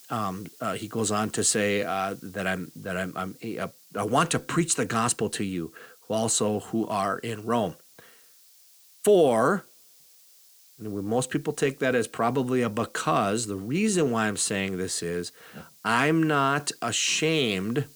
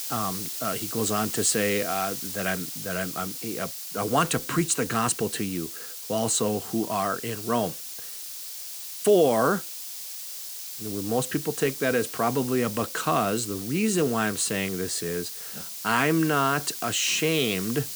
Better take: first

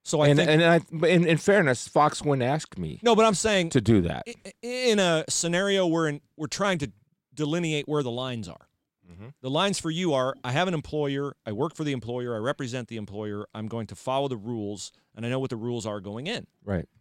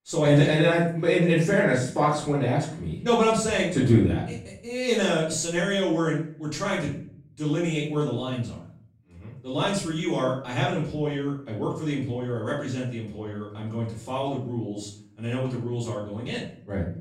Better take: first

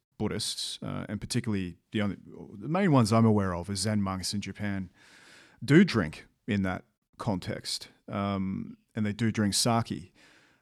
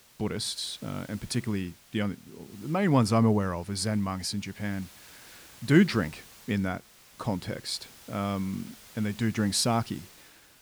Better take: first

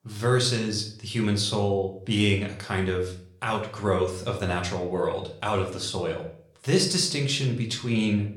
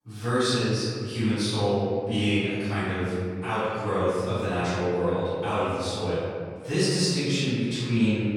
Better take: first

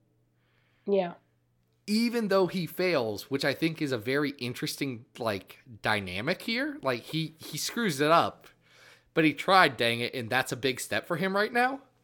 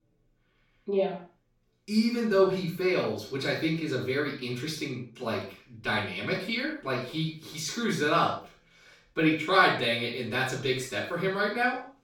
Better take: first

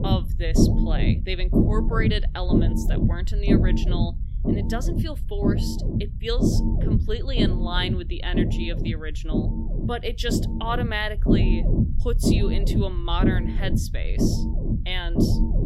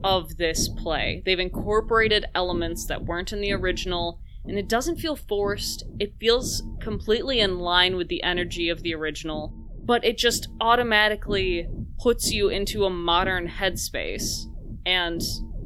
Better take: second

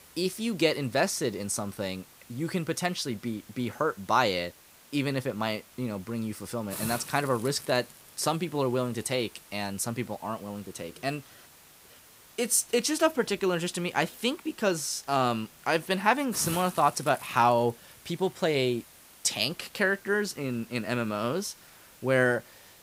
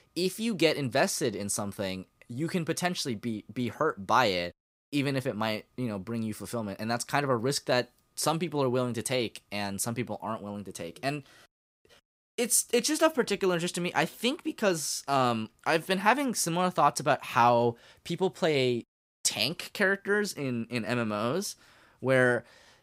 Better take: second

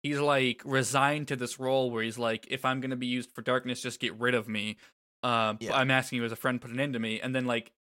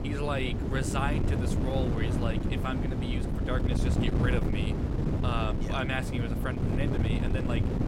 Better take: first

